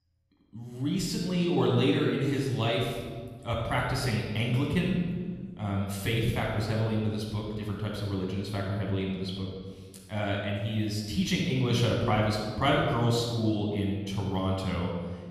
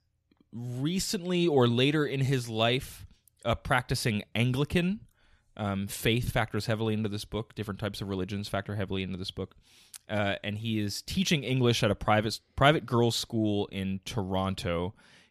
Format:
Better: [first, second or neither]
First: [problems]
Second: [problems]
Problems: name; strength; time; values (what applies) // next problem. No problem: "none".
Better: second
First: off-mic speech; far // room echo; noticeable; dies away in 1.4 s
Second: none